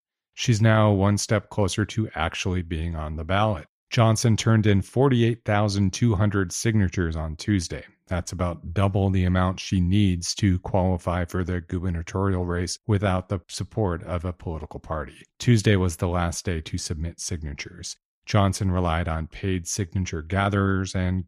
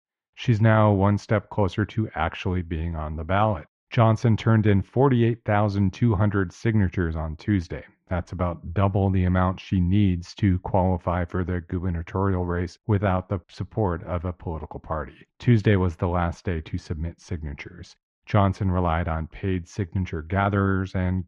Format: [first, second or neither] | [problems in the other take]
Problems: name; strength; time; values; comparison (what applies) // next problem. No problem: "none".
first | muffled; very; fading above 2.5 kHz